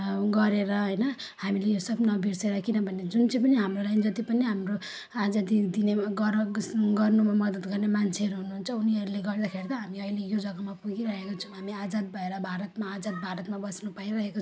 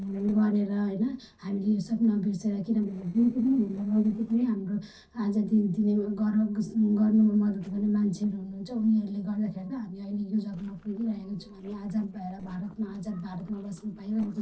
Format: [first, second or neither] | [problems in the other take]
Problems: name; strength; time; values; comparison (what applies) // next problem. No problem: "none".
first | noise reduction (neural separator model SepFormer DNS4)